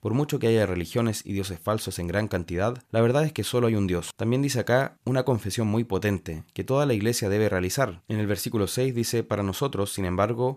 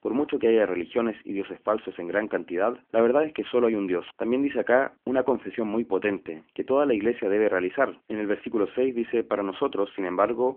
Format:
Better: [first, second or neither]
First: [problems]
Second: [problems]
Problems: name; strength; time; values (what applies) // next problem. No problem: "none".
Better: first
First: none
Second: phone-call audio; nothing above 3.5 kHz